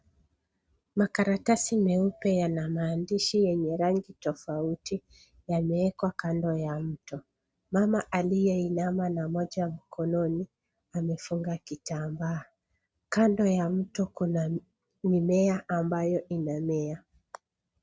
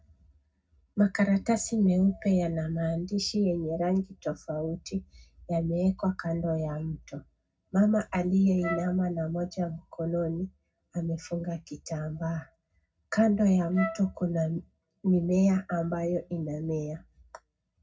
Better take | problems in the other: first | background sound (Wind instrument, woodwind instrument); 10 dB below the speech // room echo; dies away in 0.4 s

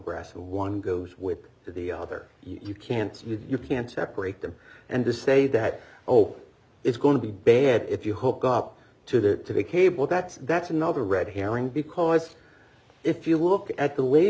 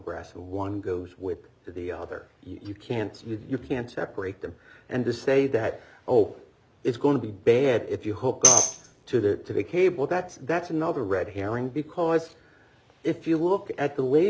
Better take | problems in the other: first | background sound (Tambourine); 3 dB above the speech

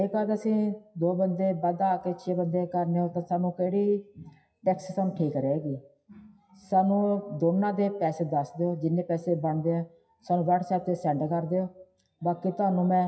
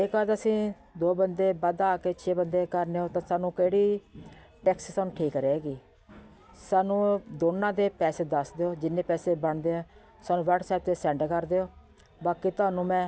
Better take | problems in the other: second | noise reduction (classical method WPE with log-MMSE)

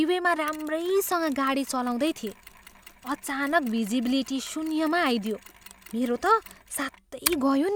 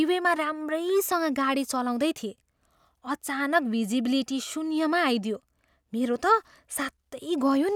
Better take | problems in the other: second | background sound (Mechanisms); 15 dB below the speech

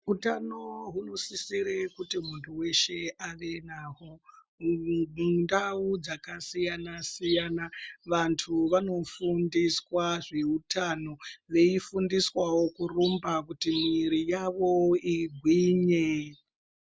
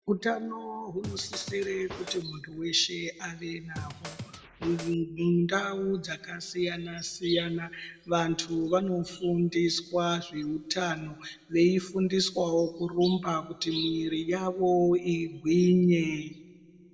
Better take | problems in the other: first | background sound (Scratching (performance technique)); 12 dB below the speech // room echo; dies away in 0.9 s

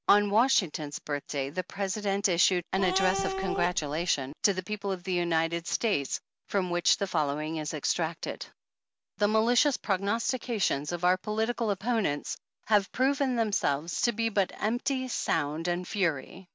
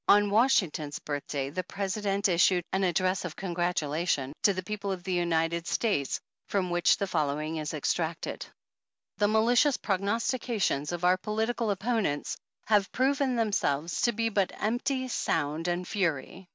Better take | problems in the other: second | background sound (Cat); 3 dB below the speech

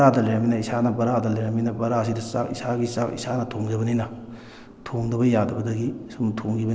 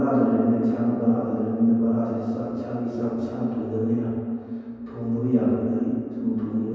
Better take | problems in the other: first | room echo; dies away in 2.2 s

